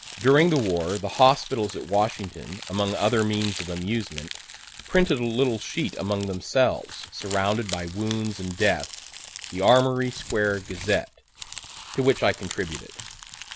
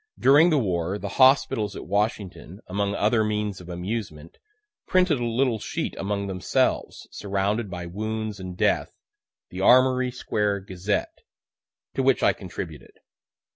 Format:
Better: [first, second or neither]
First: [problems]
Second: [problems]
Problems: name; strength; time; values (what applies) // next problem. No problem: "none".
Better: second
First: background sound (Crumpling, crinkling); 15 dB below the speech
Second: none